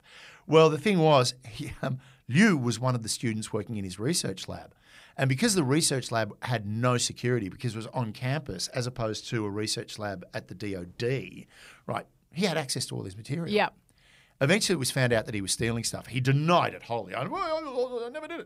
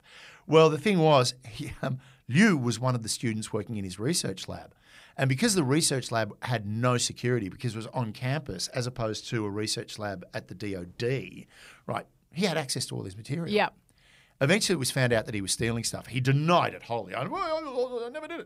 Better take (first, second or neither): neither